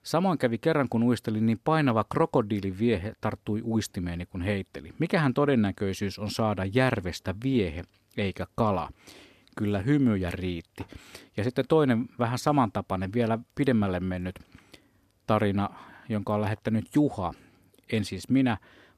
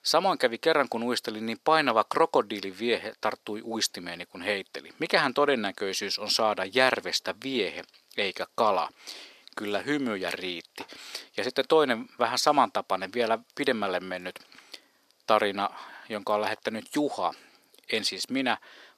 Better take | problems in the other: first | thin; somewhat; fading below 500 Hz

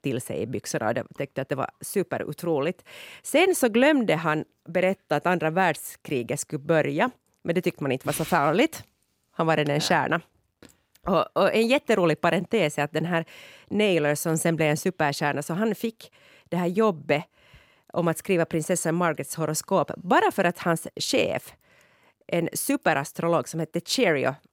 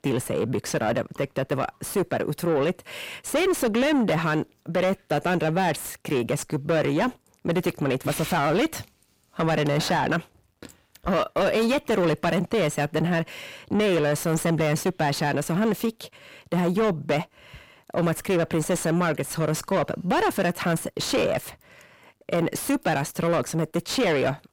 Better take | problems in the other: first | distortion; heavy; 7 dB below the speech

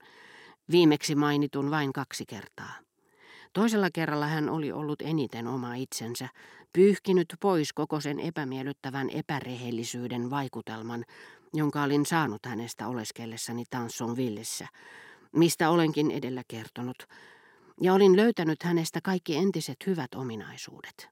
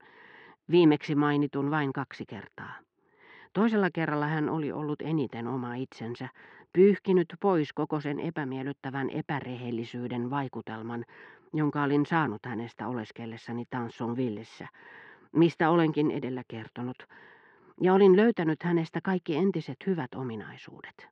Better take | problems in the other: first | muffled; very; fading above 3 kHz

